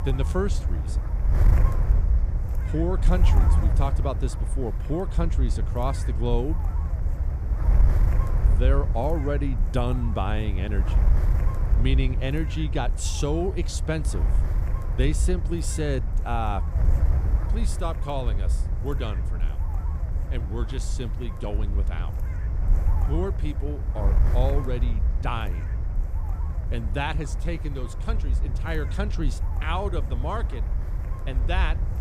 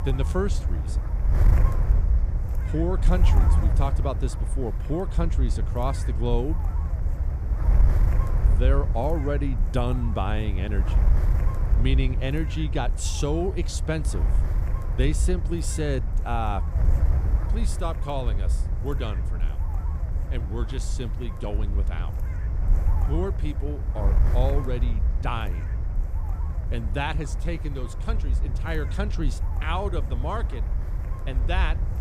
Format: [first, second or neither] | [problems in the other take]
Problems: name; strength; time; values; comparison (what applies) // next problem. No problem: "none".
neither | wind noise on the microphone; heavy; 9 dB below the speech; the same in both